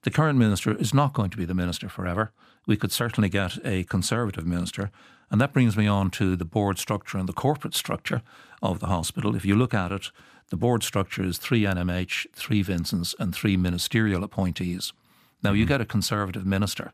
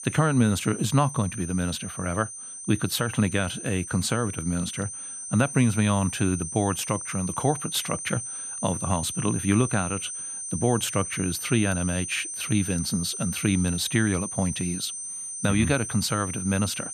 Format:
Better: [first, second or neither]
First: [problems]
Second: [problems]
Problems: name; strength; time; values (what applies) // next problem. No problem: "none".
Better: first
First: none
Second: high-pitched whine; loud; throughout; 8.5 kHz, 6 dB below the speech